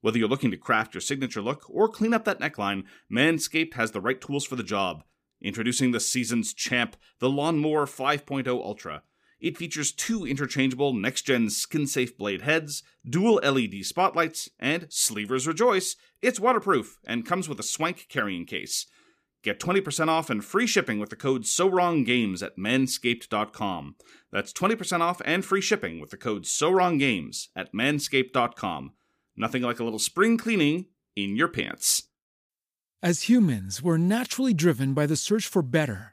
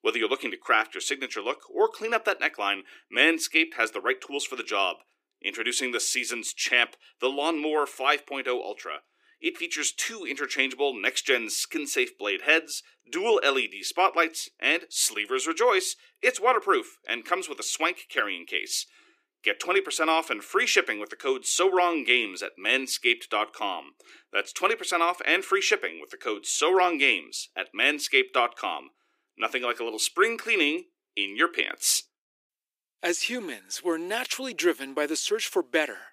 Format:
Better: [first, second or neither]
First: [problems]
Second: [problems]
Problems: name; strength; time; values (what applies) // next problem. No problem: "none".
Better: first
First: none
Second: thin; very; fading below 350 Hz